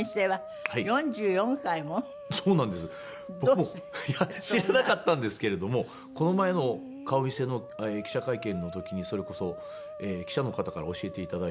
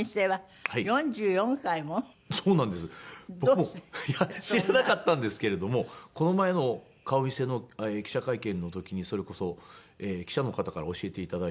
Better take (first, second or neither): second